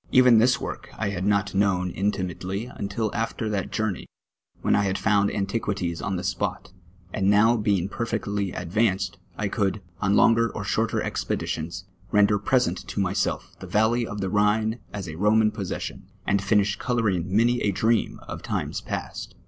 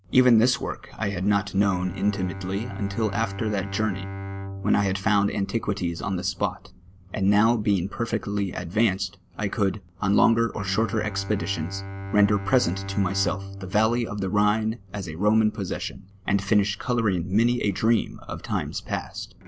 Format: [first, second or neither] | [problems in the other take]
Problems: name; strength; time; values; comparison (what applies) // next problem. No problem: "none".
first | background sound (Bowed string instrument); 13 dB below the speech